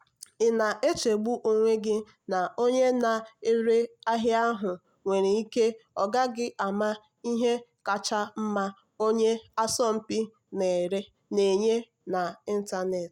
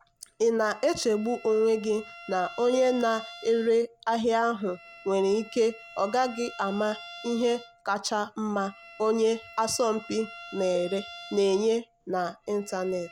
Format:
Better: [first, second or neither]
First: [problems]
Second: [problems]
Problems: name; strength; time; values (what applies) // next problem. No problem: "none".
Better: first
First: none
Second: background sound (Cowbell + Bowed string instrument); 18 dB below the speech